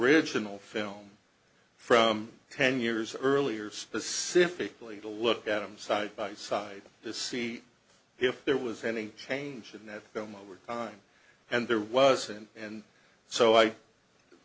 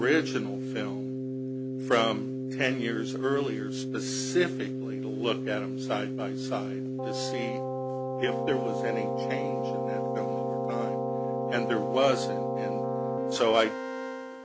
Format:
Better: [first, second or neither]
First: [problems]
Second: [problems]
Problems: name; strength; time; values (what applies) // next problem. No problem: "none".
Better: first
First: none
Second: background sound (Keyboard (musical)); as loud as the speech